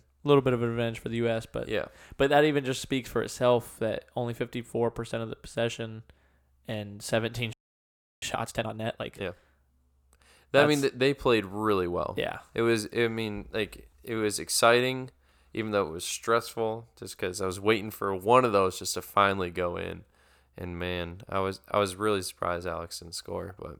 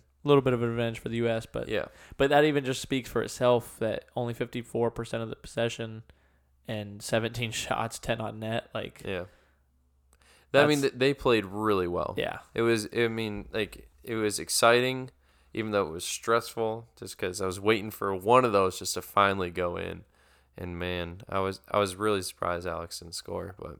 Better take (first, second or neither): second